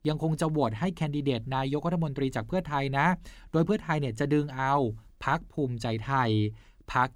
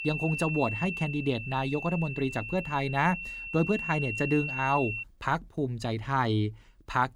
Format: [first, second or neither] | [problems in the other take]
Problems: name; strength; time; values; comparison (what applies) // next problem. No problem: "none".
first | high-pitched whine; loud; until 5 s; 2.5 kHz, 5 dB below the speech